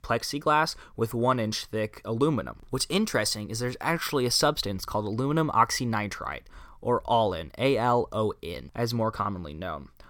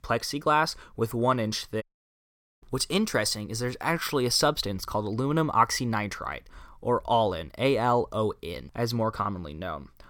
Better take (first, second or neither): first